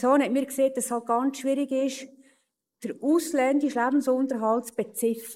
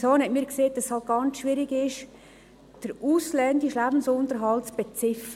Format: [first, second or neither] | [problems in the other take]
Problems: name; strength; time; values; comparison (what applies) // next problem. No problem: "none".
second | noise reduction (neural mask model Resemble Enhance denoiser)